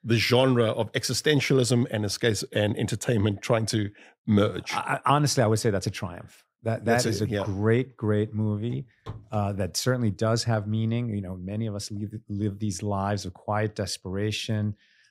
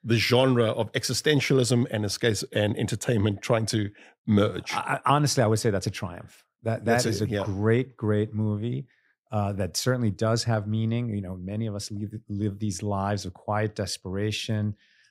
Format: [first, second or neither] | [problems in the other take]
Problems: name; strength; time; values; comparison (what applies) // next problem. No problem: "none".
second | footsteps; faint; at 8.5 s; peak 15 dB below the speech